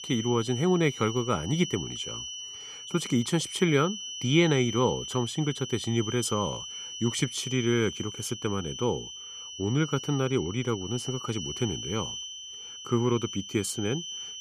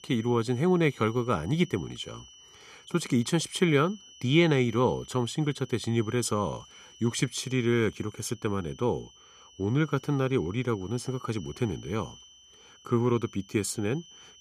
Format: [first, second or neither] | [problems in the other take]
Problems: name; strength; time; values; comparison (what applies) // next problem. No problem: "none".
second | high-pitched whine; loud; throughout; 3 kHz, 8 dB below the speech; faint in the second